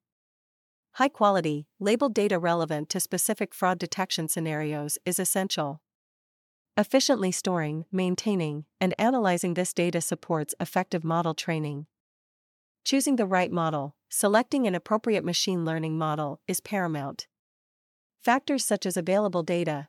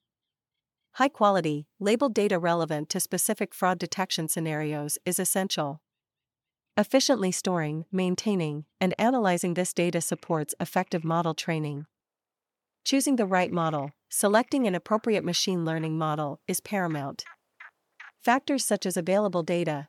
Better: first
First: none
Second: animal sounds; faint; throughout; 30 dB below the speech

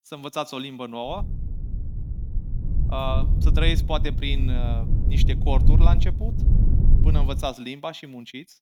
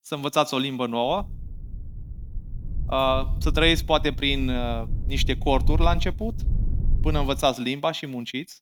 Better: second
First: low rumble; loud; from 1 to 7.5 s; 8 dB below the speech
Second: low rumble; faint; from 1 to 7.5 s; 20 dB below the speech

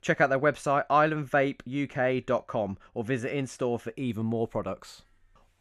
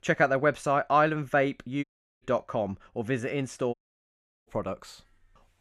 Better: first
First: none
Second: audio cutting out; at 2 s and at 3.5 s for 0.5 s

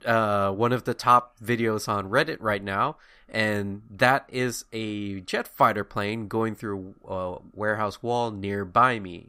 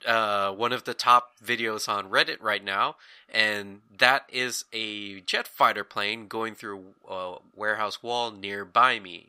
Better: first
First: none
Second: thin; somewhat; fading below 650 Hz

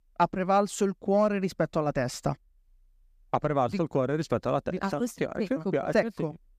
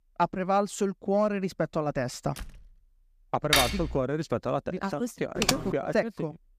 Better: first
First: none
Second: door banging; faint; at 2.5 s; peak 15 dB below the speech // clattering dishes; loud; at 3.5 s; peak 6 dB above the speech // keyboard typing; loud; at 5.5 s; peak 2 dB above the speech

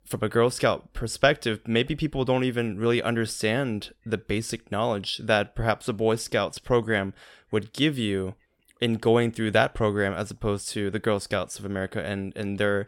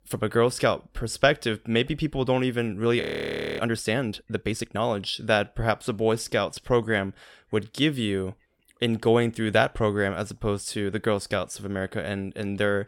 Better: first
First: none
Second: audio freezing; at 3 s for 0.5 s

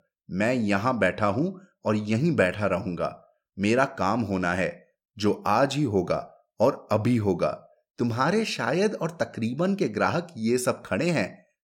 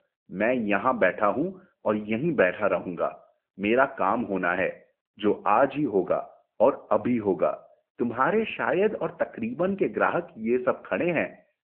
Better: first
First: none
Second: phone-call audio

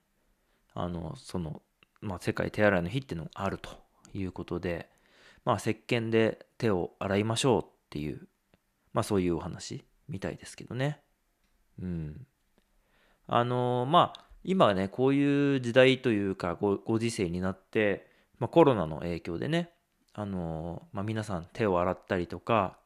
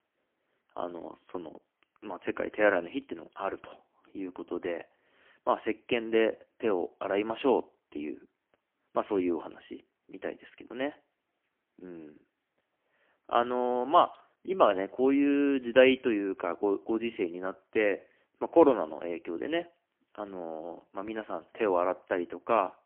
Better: first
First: none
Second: phone-call audio; poor line; nothing above 3 kHz

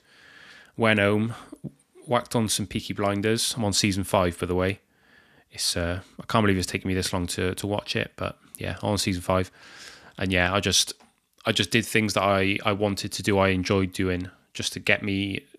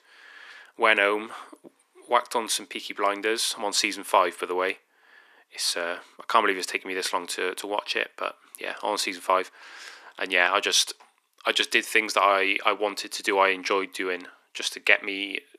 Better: first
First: none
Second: thin; very; fading below 350 Hz

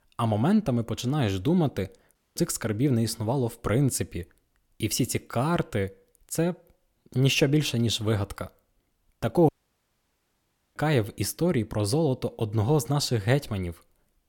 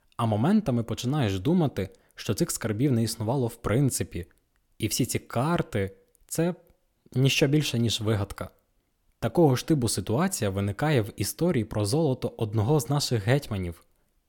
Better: second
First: audio cutting out; at 2 s and at 9.5 s for 1.5 s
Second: none

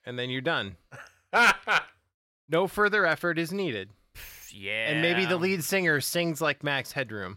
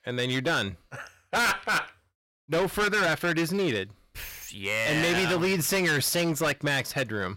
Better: first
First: none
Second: distortion; heavy; 16% of the sound clipped

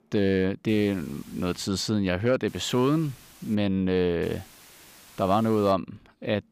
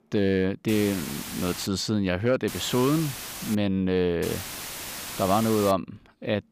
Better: first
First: hiss; faint; at 0.5 s, from 2.5 to 3.5 s and from 4 to 5.5 s; 25 dB below the speech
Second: hiss; loud; at 0.5 s, from 2.5 to 3.5 s and from 4 to 5.5 s; 9 dB below the speech

